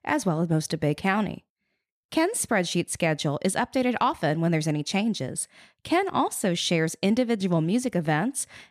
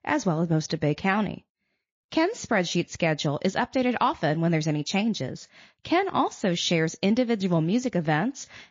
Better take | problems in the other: first | garbled, watery; slightly; nothing above 6.5 kHz

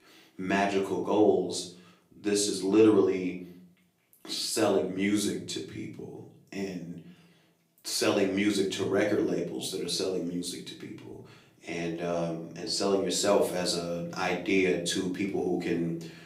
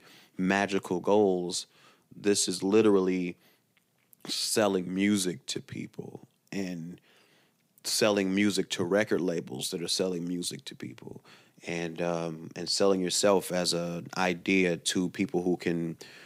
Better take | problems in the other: second | off-mic speech; far // room echo; slight; dies away in 0.4 s

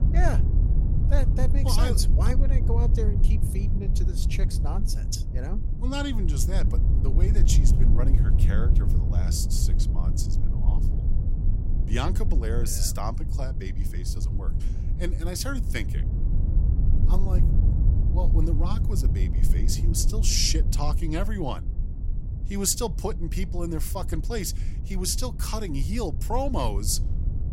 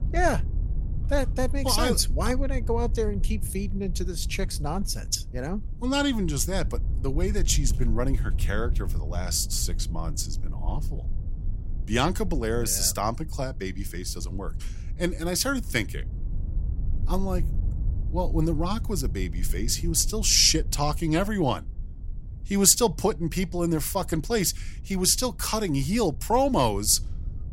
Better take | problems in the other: second | low rumble; loud; throughout; 9 dB below the speech; faint in the second

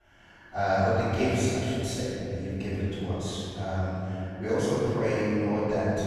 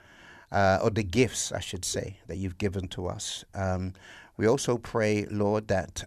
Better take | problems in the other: second | off-mic speech; far // room echo; strong; dies away in 3 s

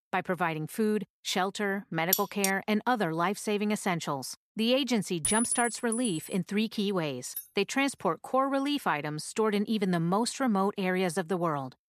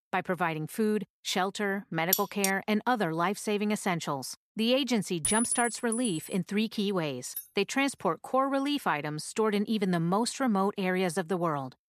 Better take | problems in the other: neither | clattering dishes; loud; at 2 s and from 5 to 6.5 s; peak 2 dB above the speech; the same in both // jangling keys; faint; at 7.5 s; peak 10 dB below the speech; the same in both

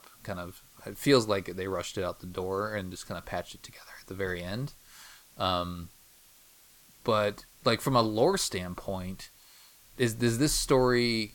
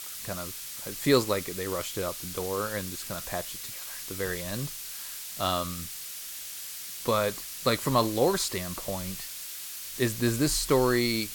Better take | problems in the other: first | hiss; loud; throughout; 7 dB below the speech; faint in the first

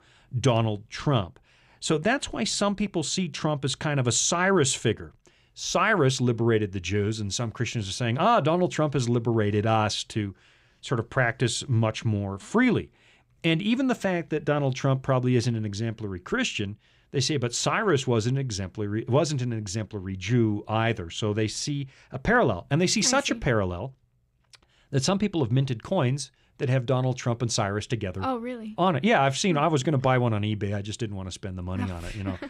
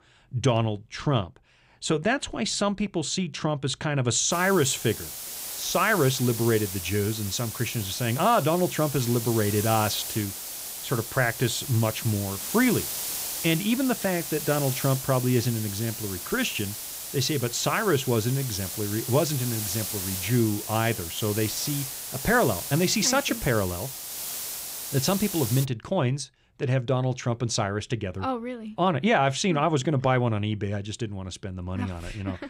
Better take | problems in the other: first | hiss; loud; from 4.5 to 26 s; 6 dB below the speech

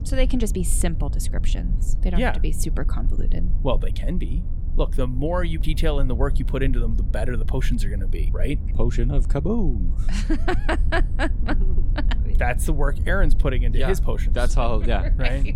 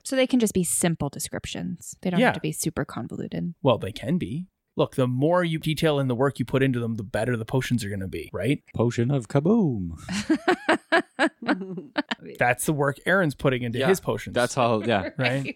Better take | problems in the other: second | low rumble; noticeable; throughout; 15 dB below the speech

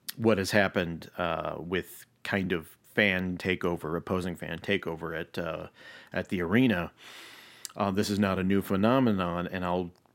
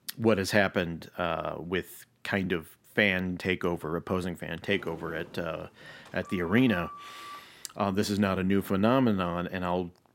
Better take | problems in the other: first | door banging; faint; from 4.5 to 7.5 s; peak 15 dB below the speech

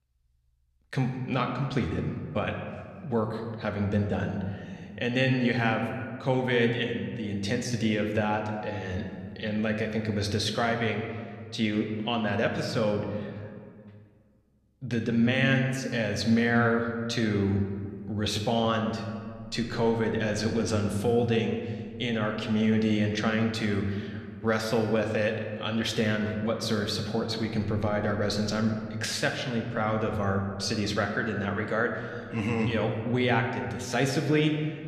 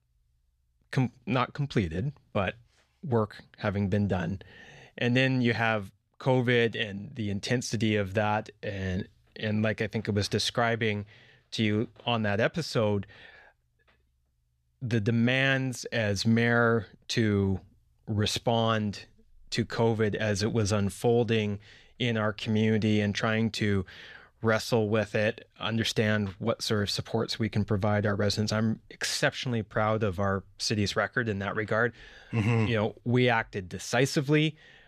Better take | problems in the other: second | room echo; slight; dies away in 1.6 s

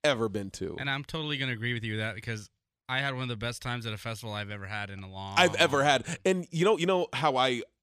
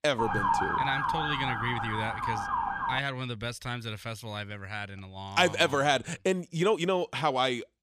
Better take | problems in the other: first | siren; loud; until 3 s; peak 3 dB above the speech

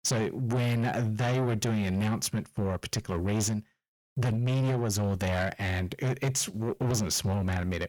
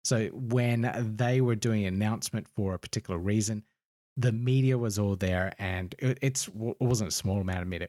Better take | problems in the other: second | distortion; heavy; 6 dB below the speech

